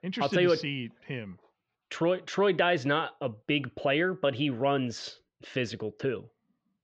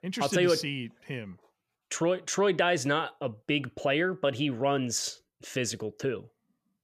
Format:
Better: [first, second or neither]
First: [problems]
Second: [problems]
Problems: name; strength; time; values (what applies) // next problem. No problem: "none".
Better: second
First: muffled; slightly; fading above 4.5 kHz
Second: none